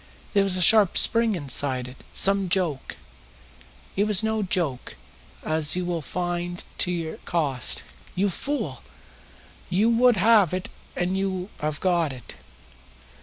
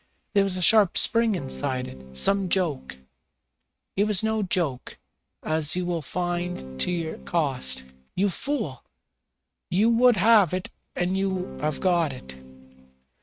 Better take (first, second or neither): first